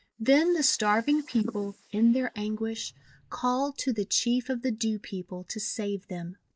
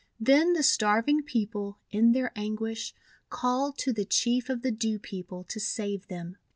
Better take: second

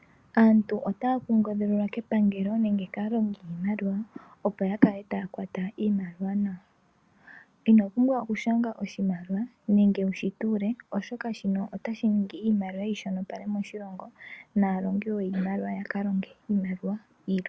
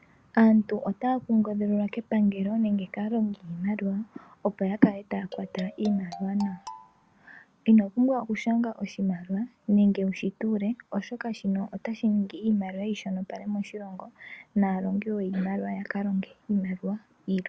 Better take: first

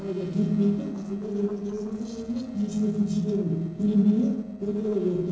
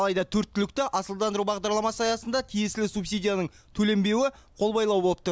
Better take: second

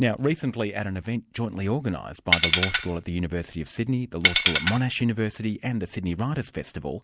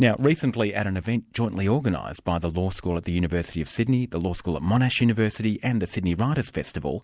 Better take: second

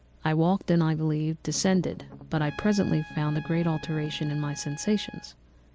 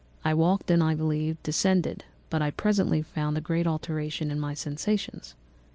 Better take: second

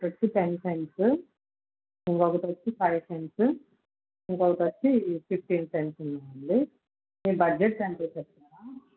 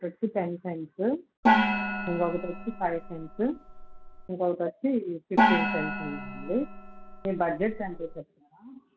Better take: first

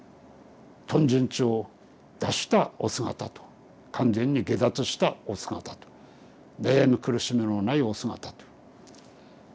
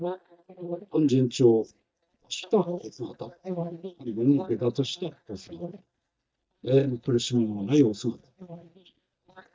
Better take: first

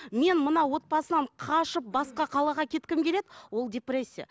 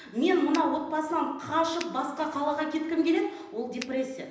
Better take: first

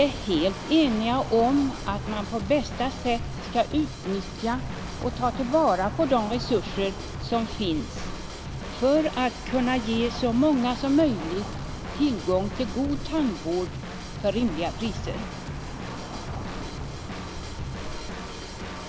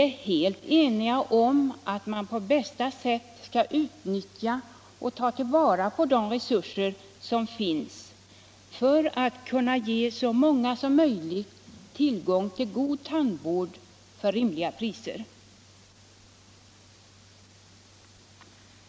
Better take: second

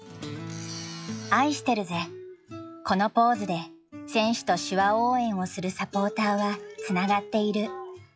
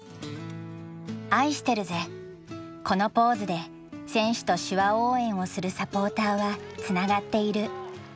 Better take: second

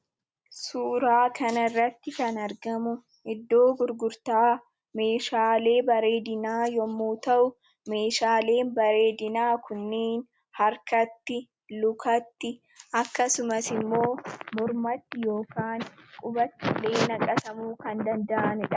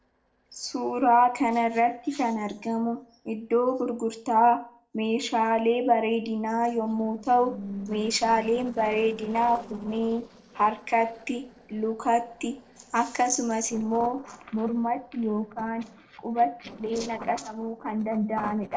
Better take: first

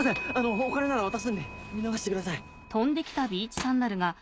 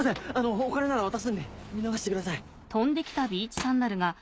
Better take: second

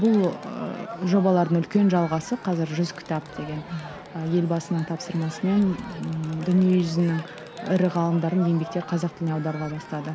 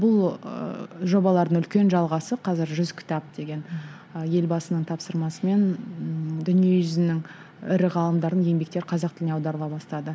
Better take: second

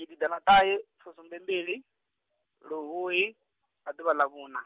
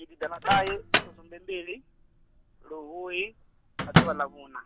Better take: first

